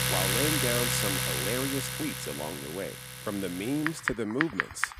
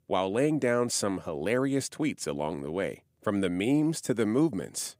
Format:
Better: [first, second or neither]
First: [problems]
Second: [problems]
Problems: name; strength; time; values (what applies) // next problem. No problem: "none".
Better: second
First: household noises; very loud; throughout; 4 dB above the speech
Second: none